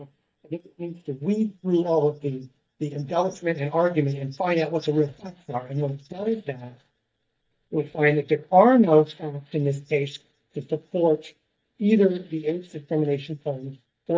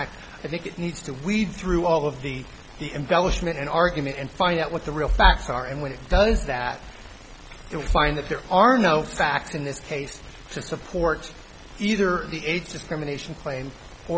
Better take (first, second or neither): second